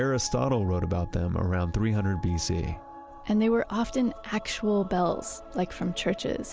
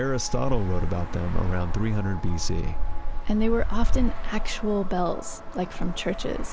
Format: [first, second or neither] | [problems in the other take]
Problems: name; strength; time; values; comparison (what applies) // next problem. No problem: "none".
first | background sound (Traffic noise, roadway noise); 4 dB above the speech